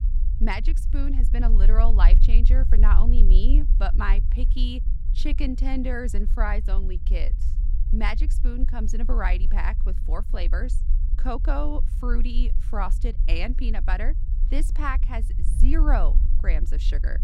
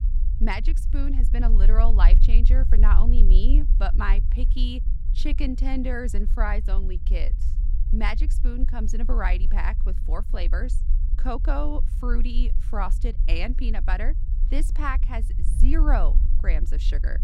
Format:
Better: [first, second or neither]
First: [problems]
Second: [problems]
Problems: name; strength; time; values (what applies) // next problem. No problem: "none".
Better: neither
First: low rumble; noticeable; throughout; 15 dB below the speech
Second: low rumble; noticeable; throughout; 15 dB below the speech